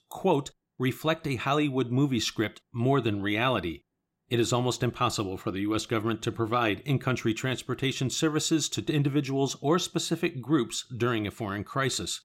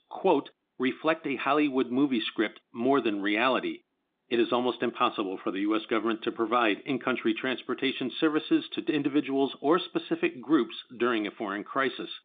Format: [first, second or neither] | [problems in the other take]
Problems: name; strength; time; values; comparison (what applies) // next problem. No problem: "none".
first | phone-call audio; nothing above 3.5 kHz